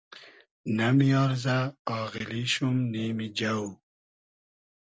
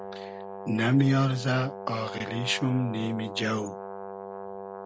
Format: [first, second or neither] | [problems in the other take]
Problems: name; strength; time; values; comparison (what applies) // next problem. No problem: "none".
first | background sound (Brass instrument); 10 dB below the speech